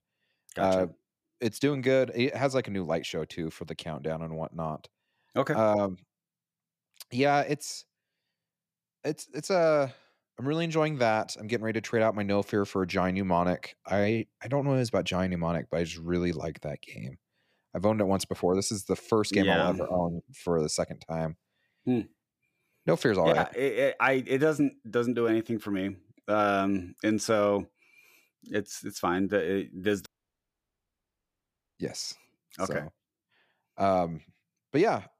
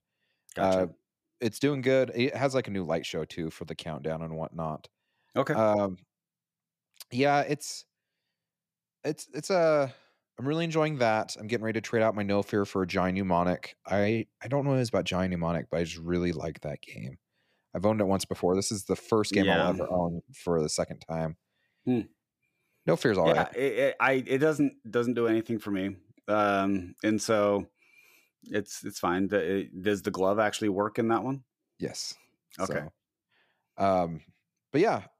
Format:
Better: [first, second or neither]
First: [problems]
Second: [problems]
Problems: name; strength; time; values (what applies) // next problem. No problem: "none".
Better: second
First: audio cutting out; at 30 s for 1.5 s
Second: none